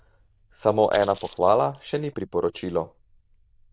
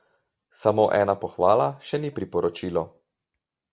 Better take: second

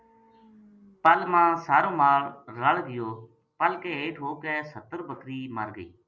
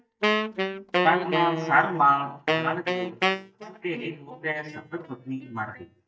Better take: first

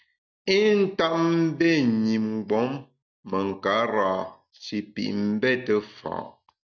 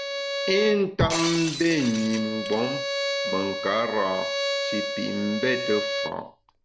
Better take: first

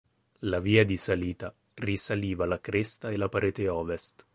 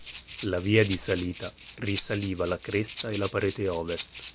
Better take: first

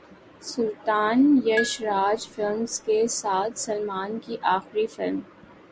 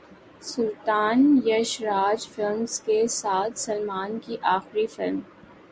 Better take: second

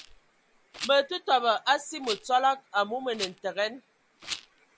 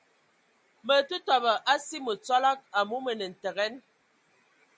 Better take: second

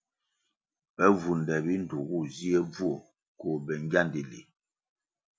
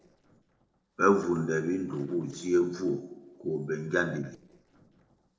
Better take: first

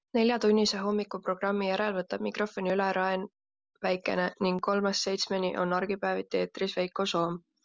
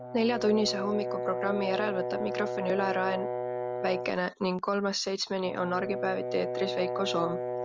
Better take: first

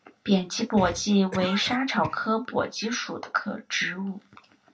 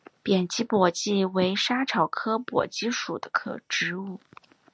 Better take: second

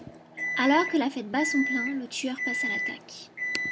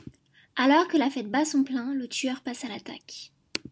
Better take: second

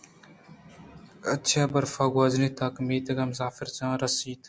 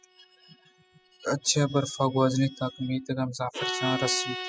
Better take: first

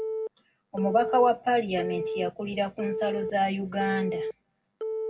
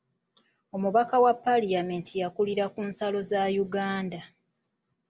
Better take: second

